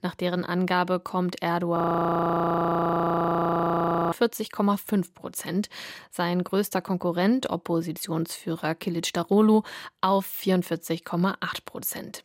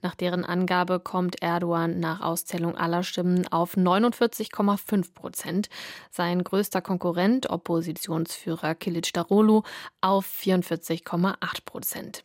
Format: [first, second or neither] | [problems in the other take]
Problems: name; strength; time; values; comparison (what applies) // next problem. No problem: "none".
second | audio freezing; at 2 s for 2.5 s